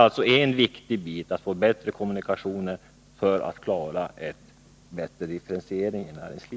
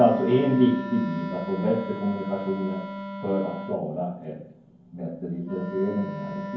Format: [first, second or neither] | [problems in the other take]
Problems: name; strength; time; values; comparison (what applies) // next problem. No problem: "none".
first | background sound (Wind instrument, woodwind instrument); 9 dB below the speech // room echo; dies away in 0.9 s